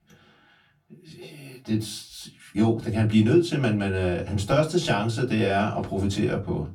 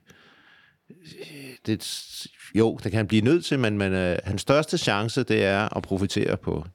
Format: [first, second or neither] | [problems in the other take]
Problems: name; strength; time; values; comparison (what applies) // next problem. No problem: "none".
second | off-mic speech; far // room echo; very slight; dies away in 0.2 s